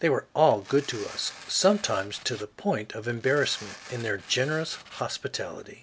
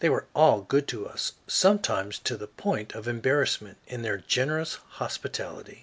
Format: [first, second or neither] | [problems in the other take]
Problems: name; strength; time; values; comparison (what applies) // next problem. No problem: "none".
second | background sound (Tearing); 18 dB below the speech